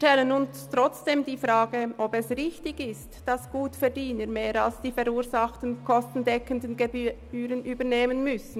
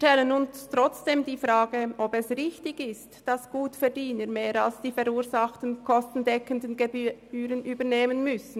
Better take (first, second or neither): second